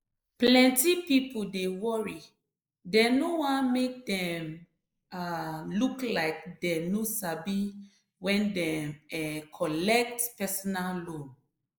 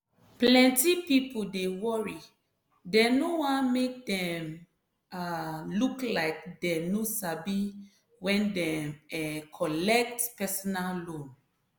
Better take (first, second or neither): second